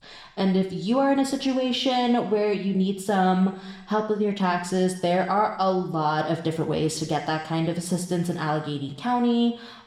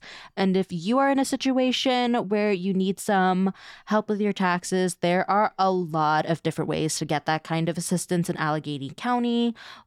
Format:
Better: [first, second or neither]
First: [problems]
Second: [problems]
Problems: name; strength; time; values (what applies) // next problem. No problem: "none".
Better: second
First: room echo; slight; dies away in 0.8 s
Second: none